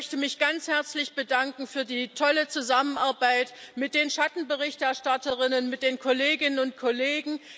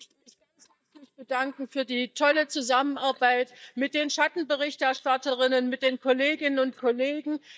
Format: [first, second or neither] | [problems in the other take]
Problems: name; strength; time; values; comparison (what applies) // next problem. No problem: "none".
first | noise reduction (neural mask model DeepFilterNet 3)